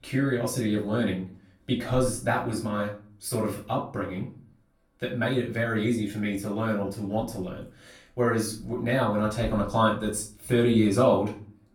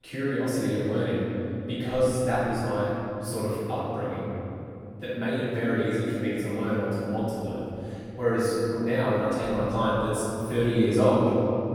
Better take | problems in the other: first | room echo; strong; dies away in 3 s; slight in the first // off-mic speech; far; far in the first

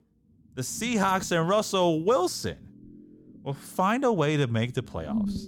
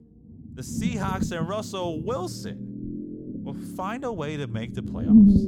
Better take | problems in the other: first | low rumble; loud; throughout; as loud as the speech; faint in the first

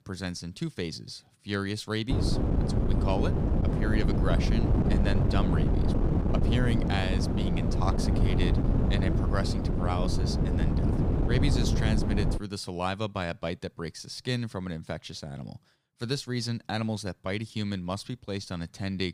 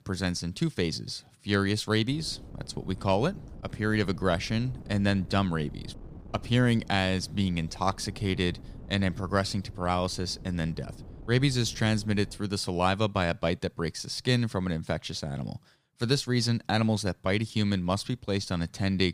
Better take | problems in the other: second | wind noise on the microphone; heavy; from 2 to 12 s; as loud as the speech; occasional gusts in the second

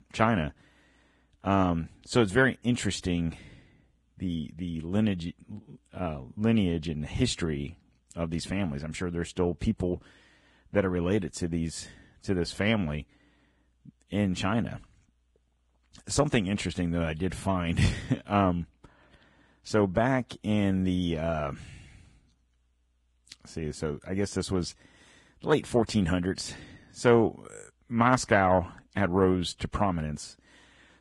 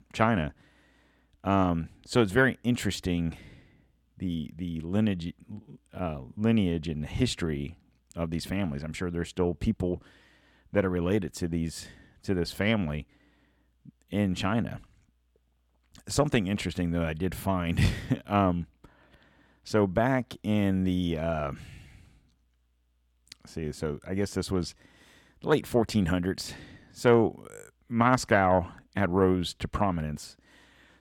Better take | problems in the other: second | garbled, watery; badly; nothing above 10 kHz

